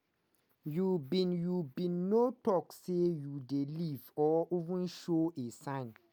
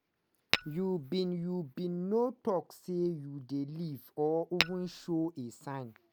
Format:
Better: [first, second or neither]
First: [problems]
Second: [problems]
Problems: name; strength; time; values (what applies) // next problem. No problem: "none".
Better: first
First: none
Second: background sound (Tap / Glass); 1 dB below the speech